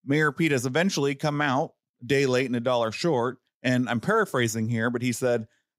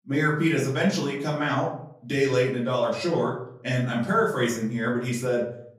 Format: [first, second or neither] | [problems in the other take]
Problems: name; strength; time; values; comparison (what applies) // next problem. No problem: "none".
first | off-mic speech; far // room echo; slight; dies away in 0.5 s